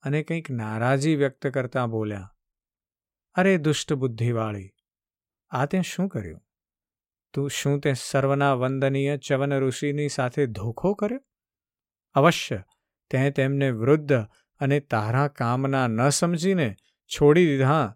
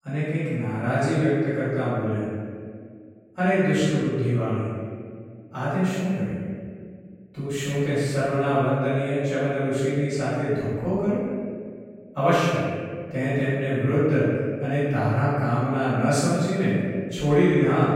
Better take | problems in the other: first | off-mic speech; far // room echo; strong; dies away in 1.9 s

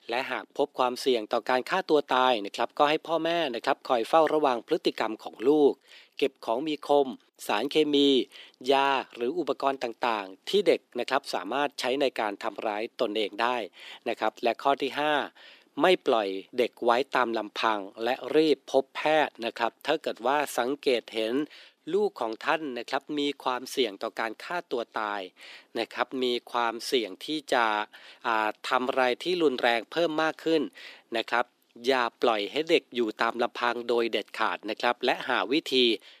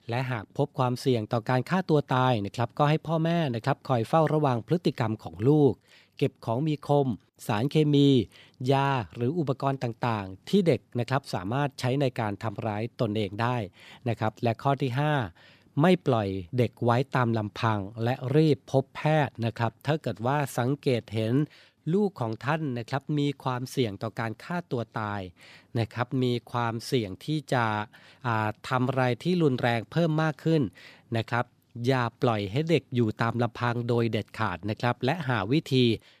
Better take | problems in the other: second | thin; somewhat; fading below 300 Hz

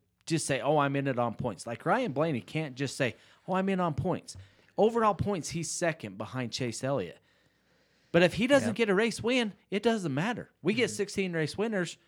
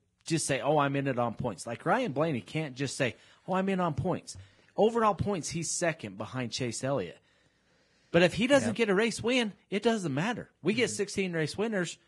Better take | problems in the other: first | garbled, watery; badly; nothing above 10.5 kHz

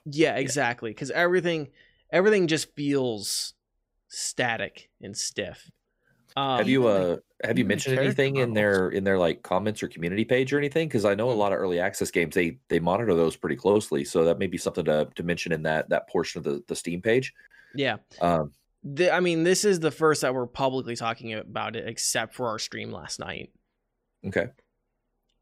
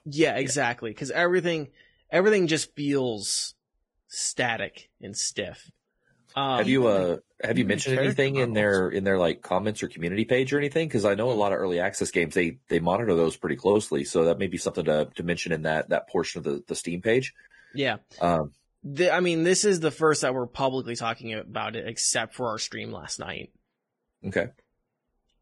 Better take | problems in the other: first | garbled, watery; badly; nothing above 10 kHz

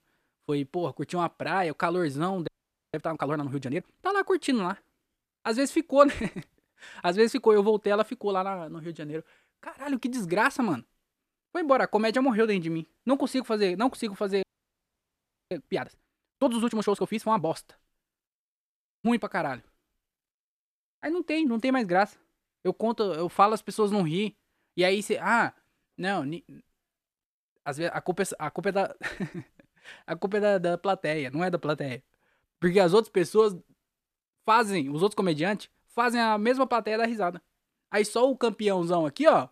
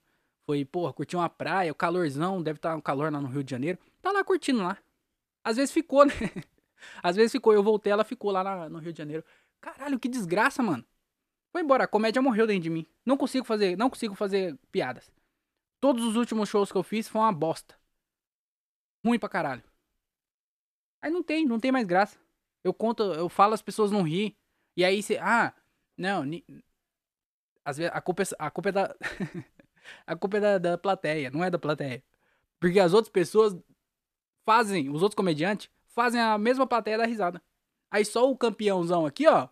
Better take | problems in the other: second | audio freezing; at 2.5 s and at 14 s for 1 s

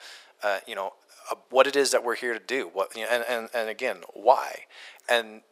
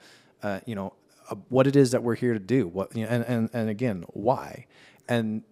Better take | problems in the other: second | thin; very; fading below 600 Hz

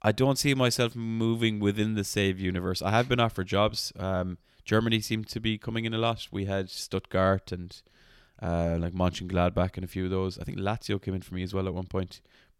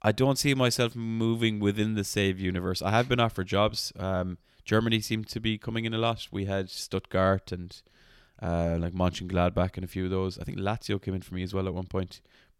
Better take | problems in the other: neither | none

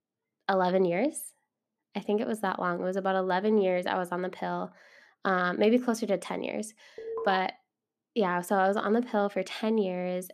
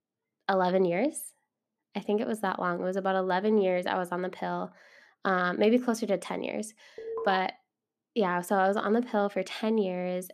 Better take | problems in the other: neither | alarm; noticeable; at 7 s; peak 7 dB below the speech; the same in both

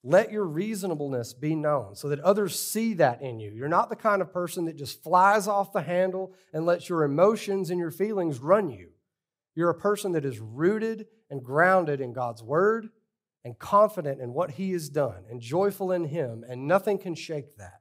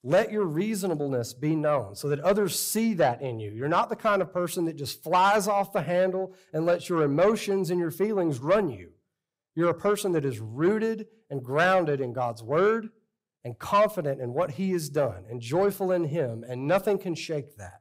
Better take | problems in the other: first | distortion; slight; 10 dB below the speech

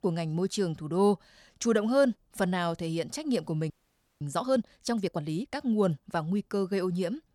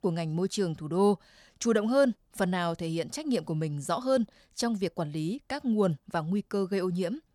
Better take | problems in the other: second | audio freezing; at 3.5 s for 0.5 s

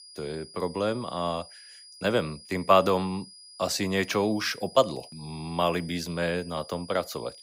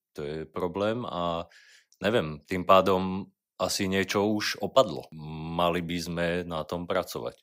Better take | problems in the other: second | high-pitched whine; noticeable; throughout; 5 kHz, 20 dB below the speech

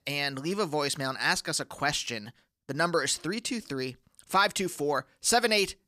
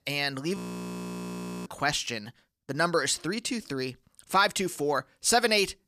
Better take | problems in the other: first | audio freezing; at 0.5 s for 1 s

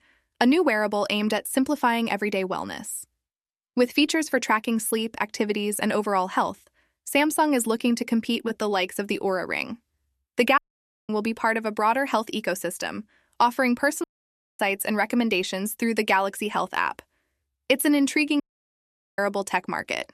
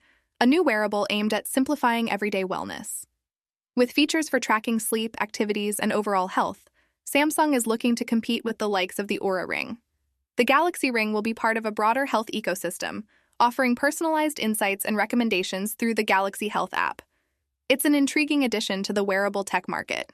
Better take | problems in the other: second | audio cutting out; at 11 s for 0.5 s, at 14 s for 0.5 s and at 18 s for 1 s

